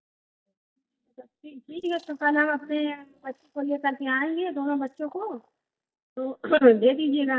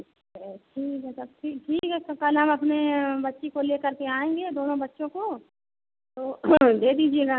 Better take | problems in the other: second | noise reduction (neural mask model DeepFilterNet 3)

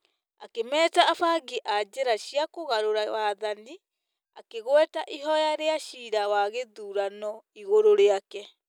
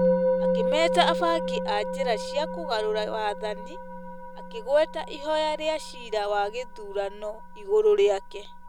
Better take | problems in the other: first | background sound (Musical instrument); 3 dB below the speech

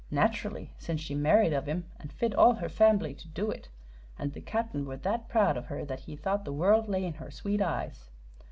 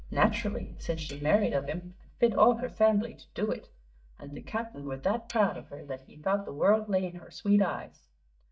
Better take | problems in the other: first | noise reduction (neural mask model DeepFilterNet 3)

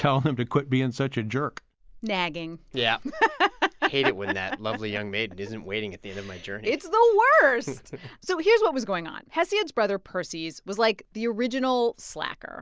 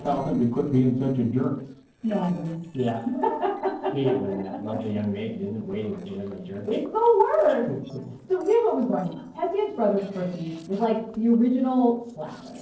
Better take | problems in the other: first | noise reduction (neural separator model SepFormer DNS4)

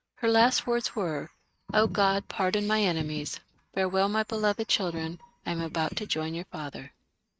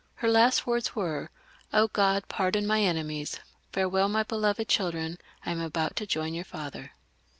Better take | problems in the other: second | noise reduction (neural mask model RNNoise)

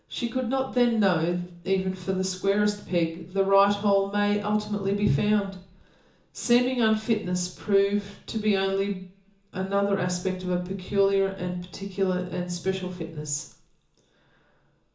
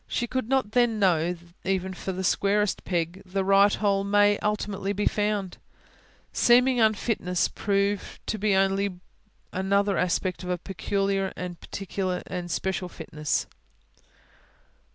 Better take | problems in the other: second | room echo; dies away in 0.7 s

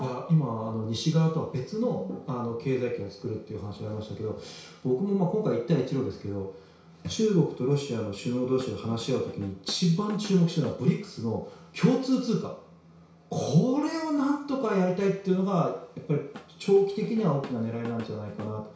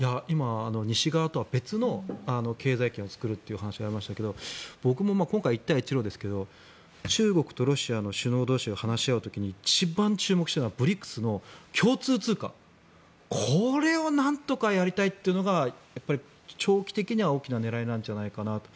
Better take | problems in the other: second | background sound (Drum / Drum kit); 18 dB below the speech // room echo; dies away in 0.6 s

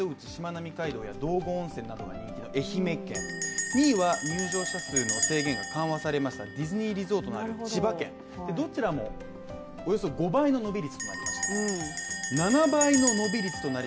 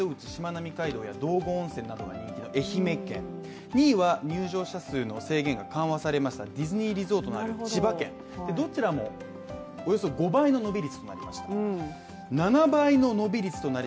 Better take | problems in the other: second | background sound (Bell); 7 dB below the speech

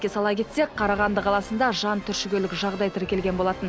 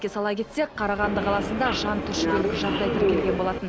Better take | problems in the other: first | background sound (Subway, metro, underground); 1 dB above the speech

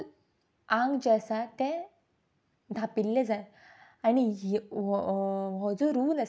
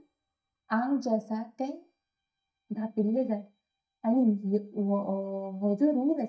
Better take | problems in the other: first | noise reduction (neural mask model DeepFilterNet 3)

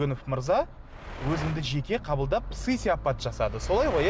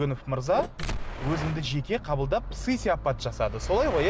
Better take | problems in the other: first | background sound (Mechanisms); 11 dB below the speech

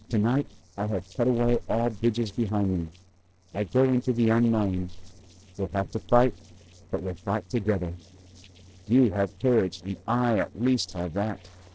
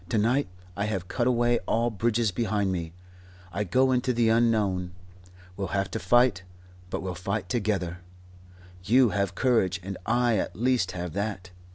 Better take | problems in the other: second | noise reduction (neural separator model SepFormer DNS4)

